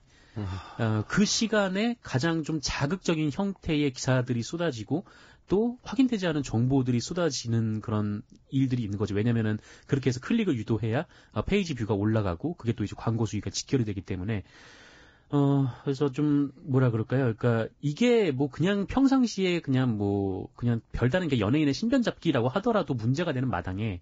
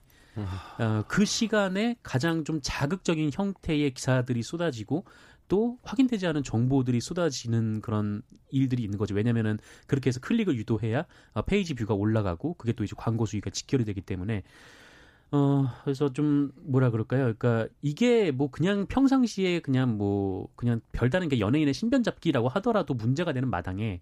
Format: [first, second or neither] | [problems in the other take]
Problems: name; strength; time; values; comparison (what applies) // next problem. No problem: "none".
second | garbled, watery; badly; nothing above 7.5 kHz